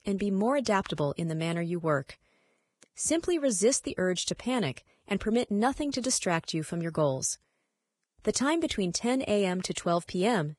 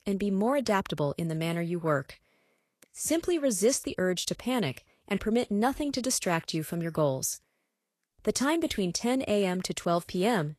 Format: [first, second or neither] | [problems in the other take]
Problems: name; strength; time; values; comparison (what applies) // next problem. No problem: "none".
second | garbled, watery; badly; nothing above 10 kHz; slightly in the second